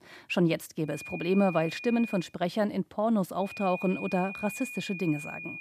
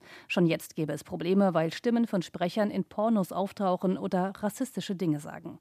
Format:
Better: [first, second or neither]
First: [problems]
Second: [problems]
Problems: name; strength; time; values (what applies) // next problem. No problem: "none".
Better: second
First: high-pitched whine; loud; from 1 to 2 s and from 3.5 s on; 2.5 kHz, 10 dB below the speech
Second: none